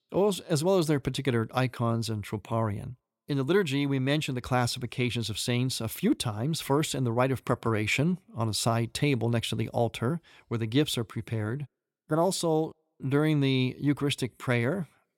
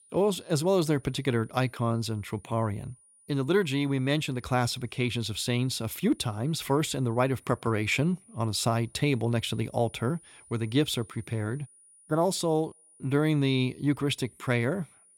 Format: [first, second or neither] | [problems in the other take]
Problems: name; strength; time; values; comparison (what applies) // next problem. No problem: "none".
first | high-pitched whine; faint; throughout; 9.5 kHz, 25 dB below the speech